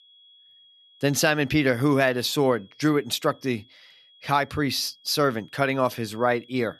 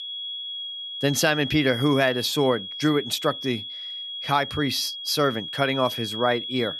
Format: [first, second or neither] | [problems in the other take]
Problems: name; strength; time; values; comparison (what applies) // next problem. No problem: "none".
first | high-pitched whine; loud; throughout; 3.5 kHz, 7 dB below the speech; faint in the first